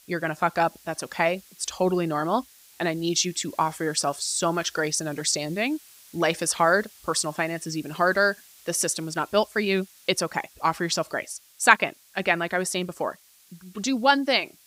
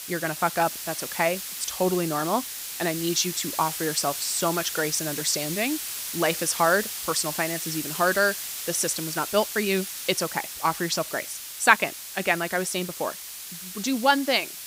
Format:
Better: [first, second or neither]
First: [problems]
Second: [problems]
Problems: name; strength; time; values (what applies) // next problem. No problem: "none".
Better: first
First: hiss; faint; throughout; 25 dB below the speech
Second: hiss; loud; throughout; 6 dB below the speech